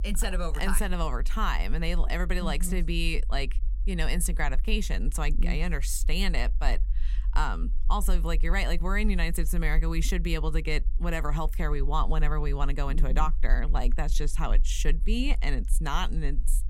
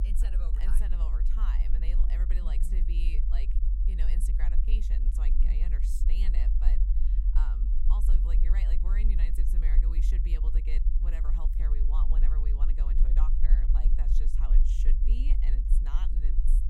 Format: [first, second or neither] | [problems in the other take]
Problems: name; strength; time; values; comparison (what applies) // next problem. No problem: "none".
first | low rumble; loud; throughout; 3 dB below the speech; faint in the first